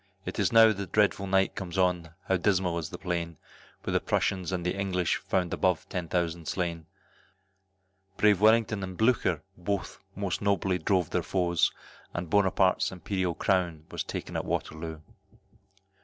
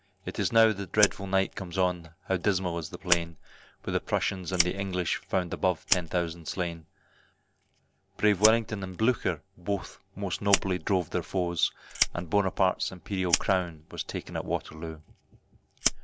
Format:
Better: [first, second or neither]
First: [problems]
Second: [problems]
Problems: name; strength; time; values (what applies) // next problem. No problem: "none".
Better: first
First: none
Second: background sound (Fire); 7 dB below the speech